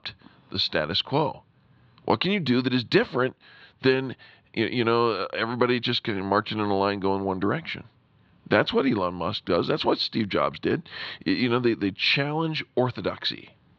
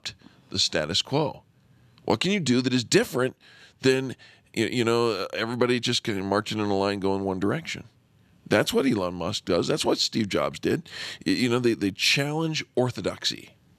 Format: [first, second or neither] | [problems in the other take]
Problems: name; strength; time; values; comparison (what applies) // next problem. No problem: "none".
second | muffled; very slightly; fading above 4 kHz